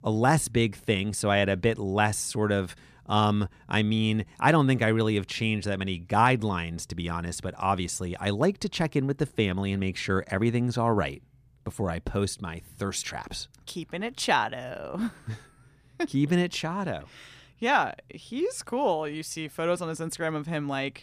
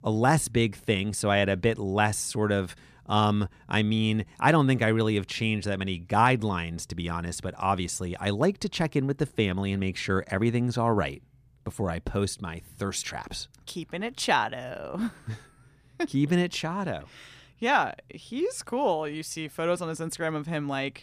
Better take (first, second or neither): neither